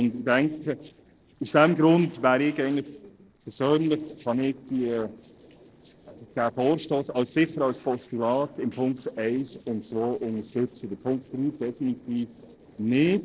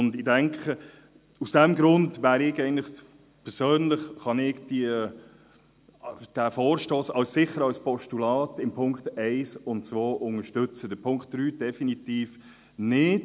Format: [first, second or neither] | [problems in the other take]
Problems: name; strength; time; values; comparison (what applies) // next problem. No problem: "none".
second | noise reduction (neural separator model SepFormer DNS4)